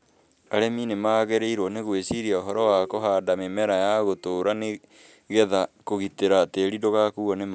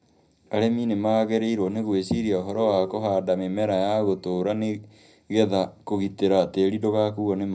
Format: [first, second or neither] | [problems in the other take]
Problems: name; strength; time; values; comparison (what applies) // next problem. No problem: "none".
first | room echo; dies away in 0.5 s